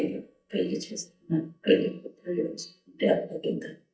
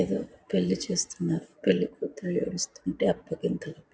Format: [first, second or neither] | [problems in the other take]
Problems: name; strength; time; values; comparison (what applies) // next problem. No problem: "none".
second | noise reduction (neural mask model DeepFilterNet 3)